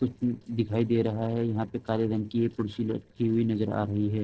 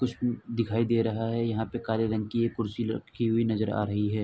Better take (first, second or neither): second